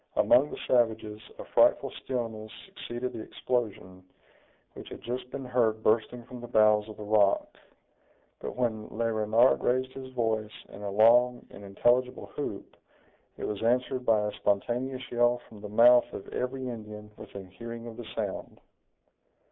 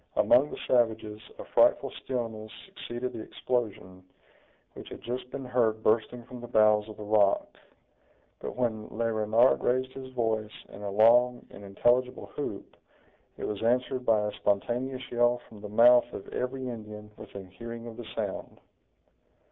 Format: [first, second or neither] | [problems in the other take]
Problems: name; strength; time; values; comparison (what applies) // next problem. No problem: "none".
second | noise reduction (neural mask model Resemble Enhance denoiser)